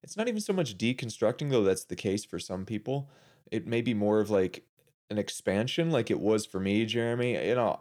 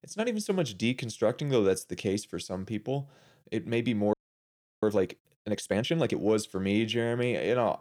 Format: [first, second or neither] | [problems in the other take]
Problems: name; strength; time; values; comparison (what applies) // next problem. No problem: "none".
first | audio freezing; at 4 s for 0.5 s